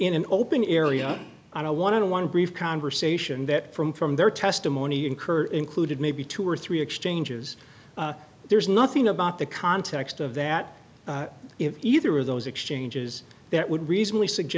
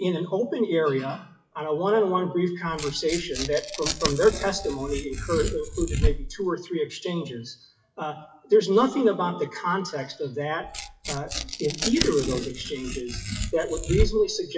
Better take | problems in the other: first | noise reduction (classical method WPE with log-MMSE)

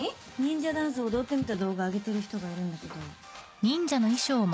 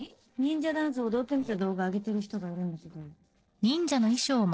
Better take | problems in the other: first | noise reduction (neural separator model SepFormer DNS4)

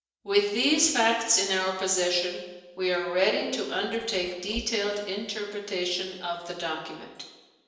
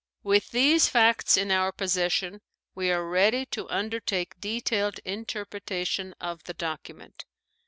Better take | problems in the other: second | noise reduction (neural separator model SepFormer DNS4)

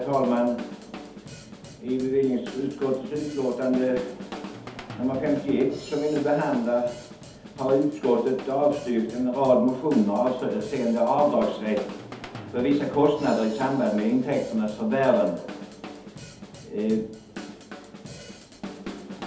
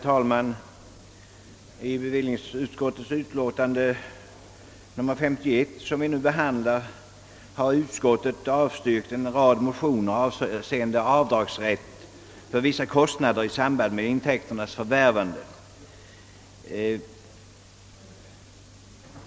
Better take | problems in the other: second | background sound (Drum / Drum kit); 15 dB below the speech // room echo; dies away in 0.6 s

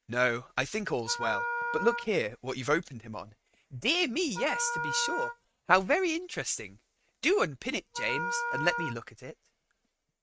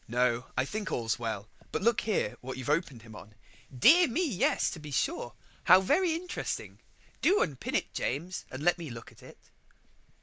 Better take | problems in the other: second | noise reduction (neural mask model RNNoise)

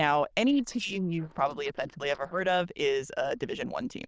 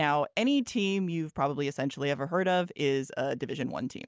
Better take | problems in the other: second | noise reduction (neural diffusion model UNIVERSE++)

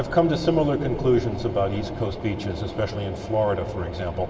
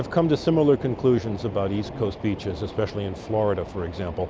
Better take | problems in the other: second | background sound (Thunder); 17 dB below the speech // room echo; dies away in 2.4 s

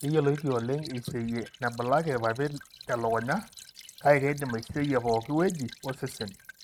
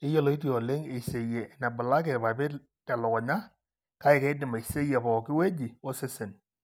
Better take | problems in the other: second | noise reduction (neural mask model RNNoise)

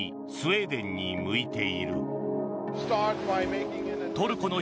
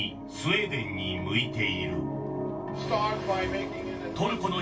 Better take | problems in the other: first | background sound (Mechanisms); 19 dB below the speech // room echo; dies away in 0.2 s

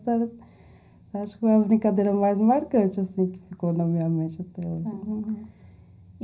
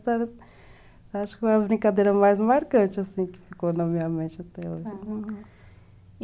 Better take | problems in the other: second | room echo; dies away in 0.4 s

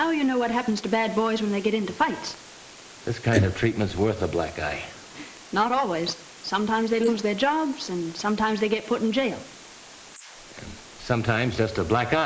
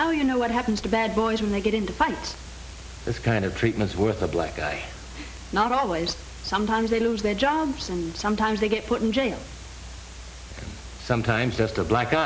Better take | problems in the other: second | noise reduction (neural mask model Resemble Enhance denoiser)

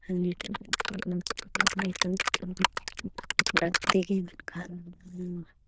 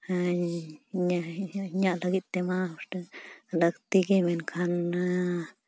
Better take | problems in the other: second | noise reduction (neural diffusion model UNIVERSE++)

